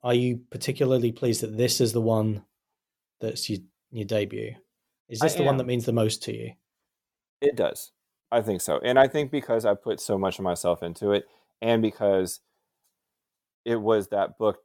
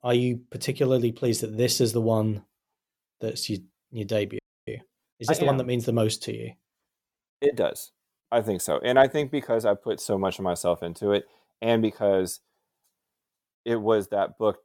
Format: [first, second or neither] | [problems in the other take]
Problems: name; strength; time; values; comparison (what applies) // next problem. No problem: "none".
first | audio freezing; at 4.5 s